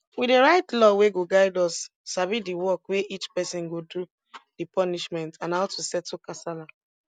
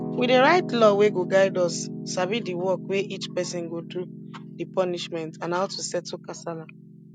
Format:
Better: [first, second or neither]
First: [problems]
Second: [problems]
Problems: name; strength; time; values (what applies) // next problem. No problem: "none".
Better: first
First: none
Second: background sound (Piano); 10 dB below the speech